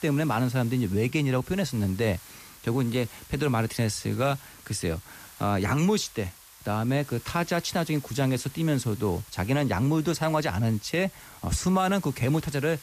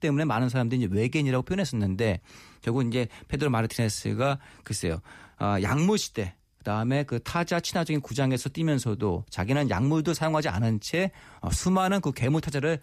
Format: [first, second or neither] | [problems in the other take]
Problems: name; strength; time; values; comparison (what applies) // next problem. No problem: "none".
second | hiss; noticeable; throughout; 20 dB below the speech